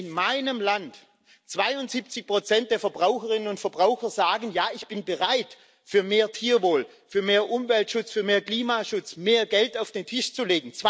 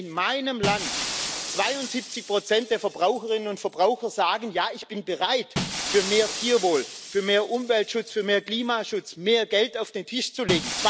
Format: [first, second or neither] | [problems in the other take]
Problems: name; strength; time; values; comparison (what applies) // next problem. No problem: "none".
first | background sound (Shatter); 9 dB below the speech